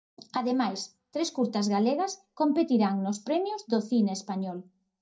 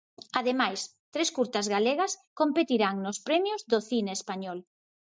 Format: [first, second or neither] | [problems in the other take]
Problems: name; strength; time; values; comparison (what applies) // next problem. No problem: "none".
second | room echo; dies away in 0.2 s